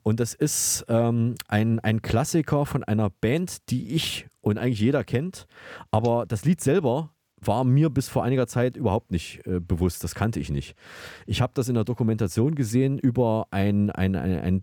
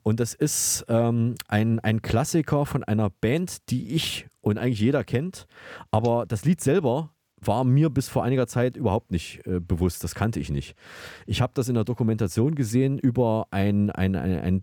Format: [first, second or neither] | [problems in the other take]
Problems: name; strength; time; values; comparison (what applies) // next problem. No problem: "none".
neither | none